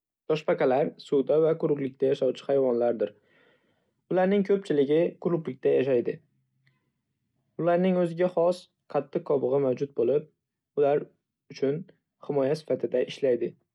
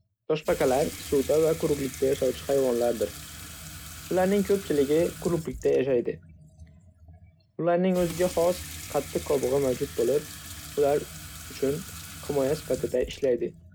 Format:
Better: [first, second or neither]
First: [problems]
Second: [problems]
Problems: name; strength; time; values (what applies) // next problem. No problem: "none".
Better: first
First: none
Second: background sound (Sink (filling or washing) / Water tap, faucet); 14 dB below the speech